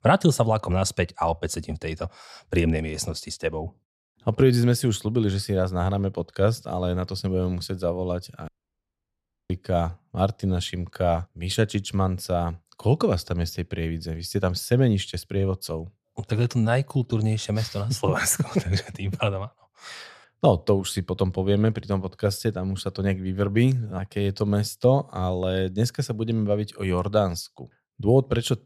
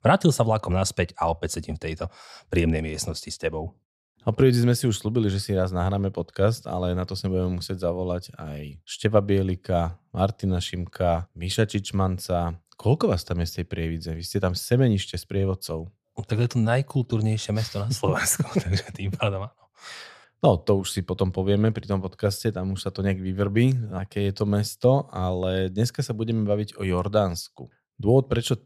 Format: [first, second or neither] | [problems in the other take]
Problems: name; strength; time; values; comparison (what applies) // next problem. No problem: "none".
second | audio cutting out; at 8.5 s for 1 s